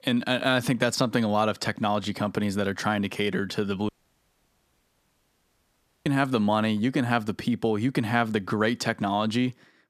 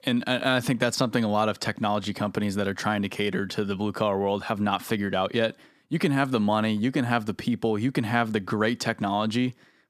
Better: second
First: audio cutting out; at 4 s for 2 s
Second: none

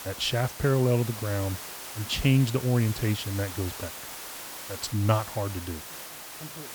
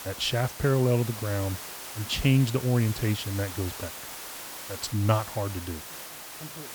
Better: neither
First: hiss; noticeable; throughout; 10 dB below the speech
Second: hiss; noticeable; throughout; 10 dB below the speech

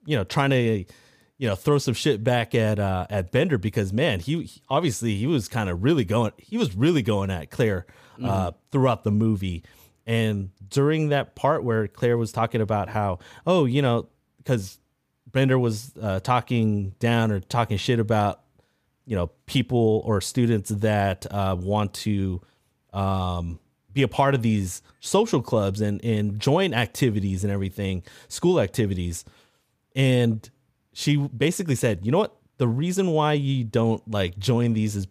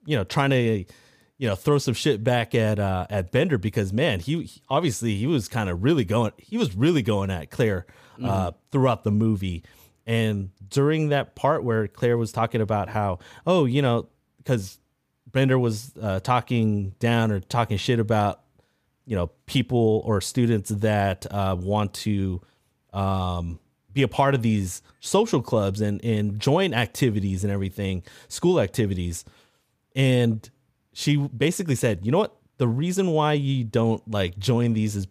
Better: neither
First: none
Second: none

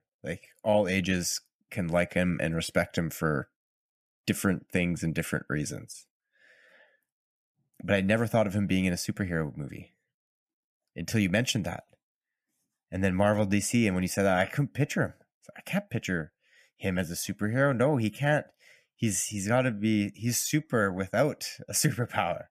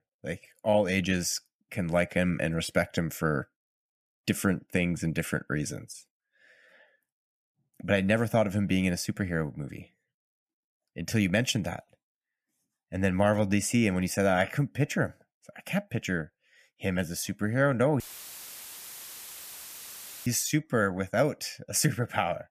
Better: first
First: none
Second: audio cutting out; filled with static; at 18 s for 2.5 s

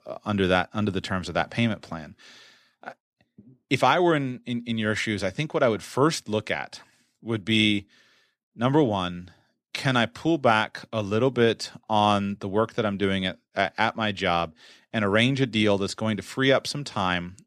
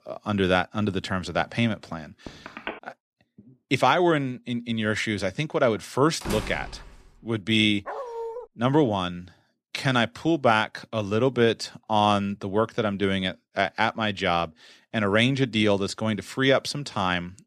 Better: first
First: none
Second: phone ringing; faint; at 2.5 s; peak 10 dB below the speech // door banging; noticeable; at 6 s; peak 8 dB below the speech // dog barking; noticeable; at 8 s; peak 9 dB below the speech

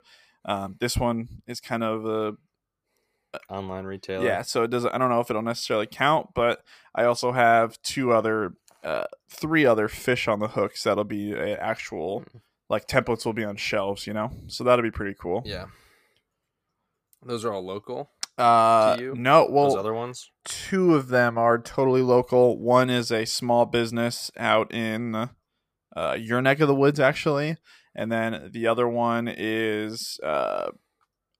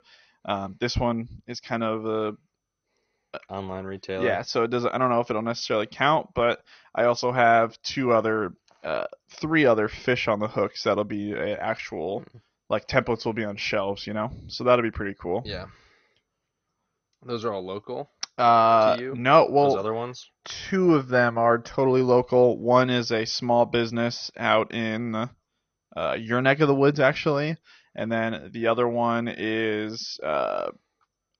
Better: first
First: none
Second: garbled, watery; slightly; nothing above 6 kHz

